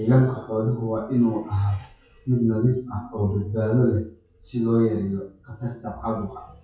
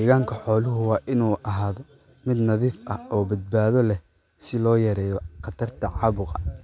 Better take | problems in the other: second | noise reduction (classical method WPE with log-MMSE)

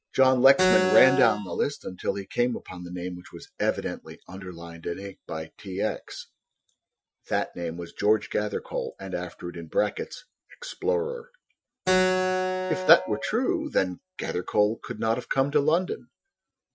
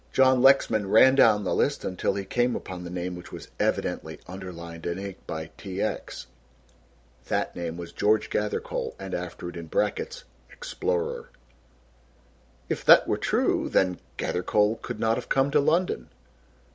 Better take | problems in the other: second | noise reduction (classical method Wiener filter)

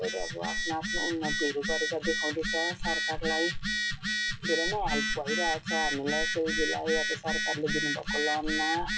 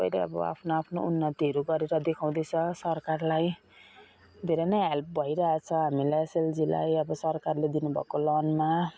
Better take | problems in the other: second | noise reduction (classical method WPE with log-MMSE)

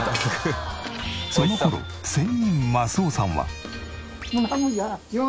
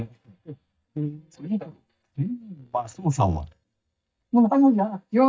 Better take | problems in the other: first | noise reduction (neural mask model DeepFilterNet 3)

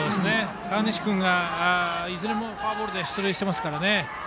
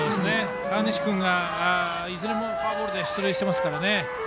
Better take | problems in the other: first | background sound (Wind instrument, woodwind instrument); 4 dB below the speech

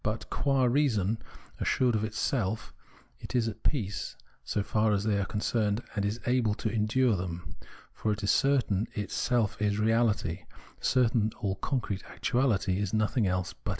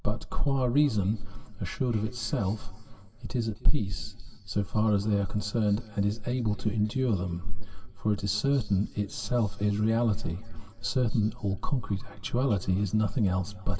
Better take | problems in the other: first | room echo; dies away in 2.4 s

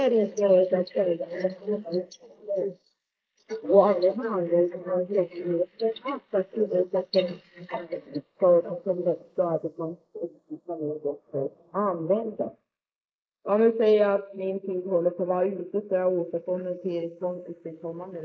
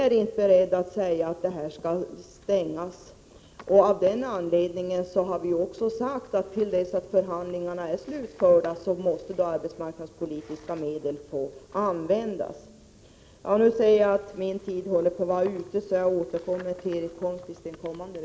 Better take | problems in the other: second | noise reduction (neural mask model Resemble Enhance denoiser)

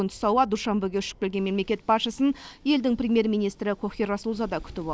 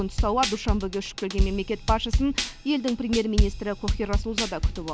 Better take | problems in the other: first | background sound (Drum kit); 1 dB above the speech

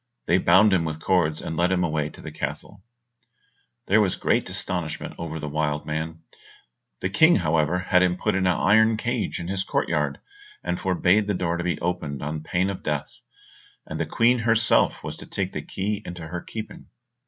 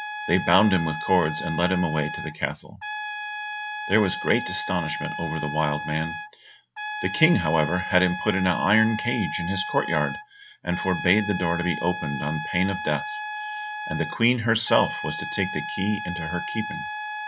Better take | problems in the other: first | background sound (Trumpet); 7 dB below the speech

